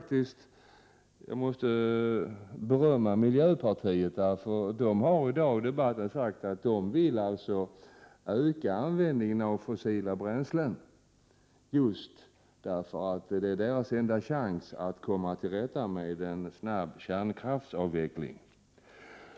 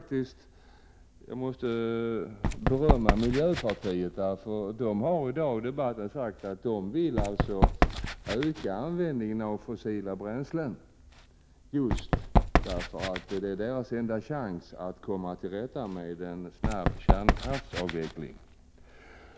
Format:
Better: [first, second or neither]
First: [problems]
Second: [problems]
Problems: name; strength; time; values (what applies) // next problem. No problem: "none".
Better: first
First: none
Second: background sound (Run); as loud as the speech